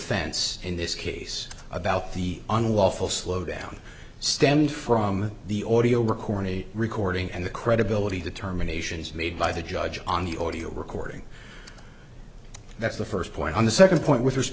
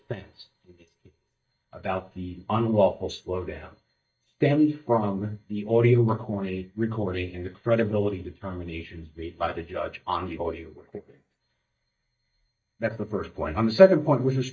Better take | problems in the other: first | noise reduction (neural mask model DeepFilterNet 3)

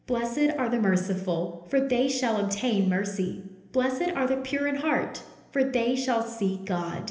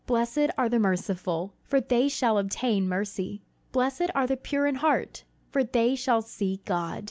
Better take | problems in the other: second | room echo; dies away in 0.8 s

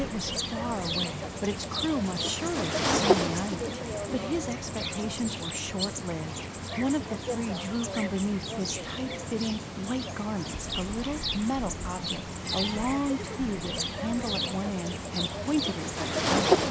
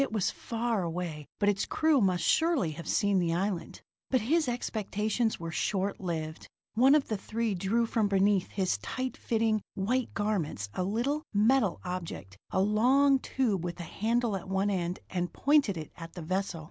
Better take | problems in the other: second | background sound (Cricket); 1 dB above the speech

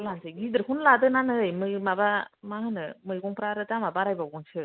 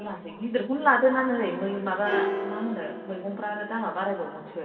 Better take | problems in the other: first | background sound (Piano); 9 dB below the speech // room echo; dies away in 2.4 s

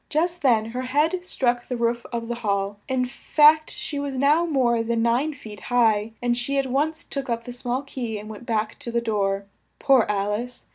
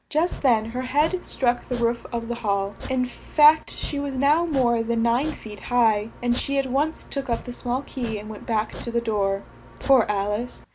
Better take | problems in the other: first | background sound (Domestic sounds, home sounds); 15 dB below the speech

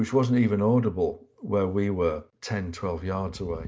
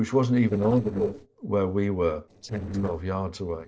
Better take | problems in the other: first | noise reduction (neural separator model SepFormer DNS4)

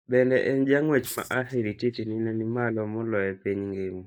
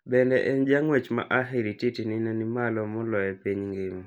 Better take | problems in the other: second | noise reduction (neural mask model DeepFilterNet 3)

